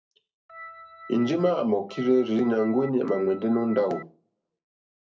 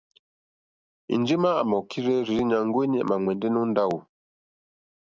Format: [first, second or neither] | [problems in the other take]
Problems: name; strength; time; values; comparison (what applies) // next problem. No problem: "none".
second | background sound (Organ); 17 dB below the speech // room echo; dies away in 0.3 s